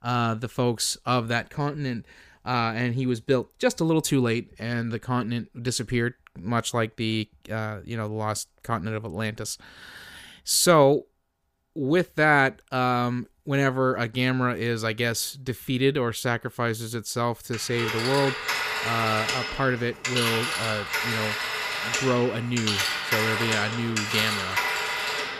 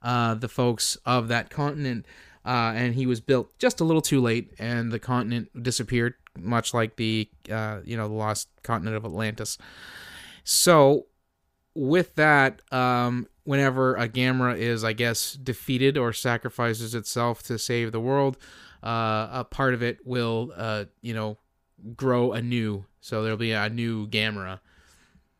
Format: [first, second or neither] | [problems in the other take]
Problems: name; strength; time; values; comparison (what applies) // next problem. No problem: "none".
second | phone ringing; loud; from 18 s on; peak 2 dB above the speech